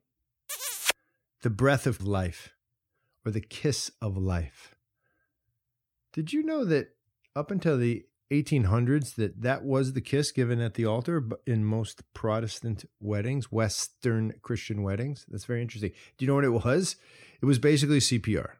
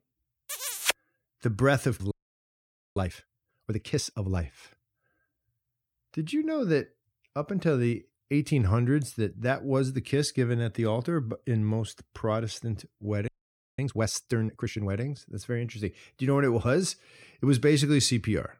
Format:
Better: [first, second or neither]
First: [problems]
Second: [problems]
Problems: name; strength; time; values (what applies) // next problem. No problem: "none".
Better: first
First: none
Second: audio freezing; at 2 s for 1 s and at 13 s for 0.5 s